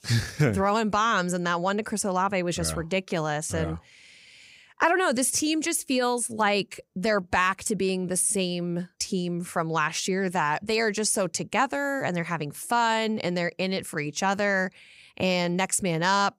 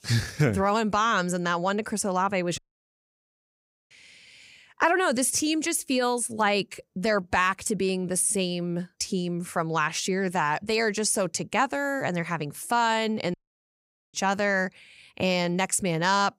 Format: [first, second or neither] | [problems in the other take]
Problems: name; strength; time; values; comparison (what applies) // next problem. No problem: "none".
first | audio cutting out; at 2.5 s for 1.5 s and at 13 s for 1 s